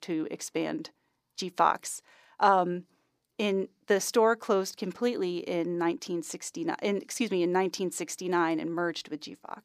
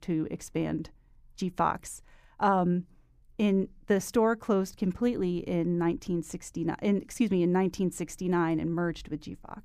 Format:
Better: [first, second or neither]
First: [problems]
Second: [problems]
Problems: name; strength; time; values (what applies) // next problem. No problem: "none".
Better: second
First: thin; somewhat; fading below 350 Hz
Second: none